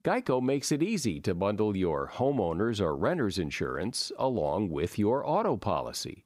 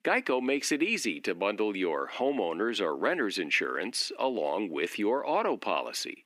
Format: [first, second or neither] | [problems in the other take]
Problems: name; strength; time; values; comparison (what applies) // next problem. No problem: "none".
first | thin; very slightly; fading below 250 Hz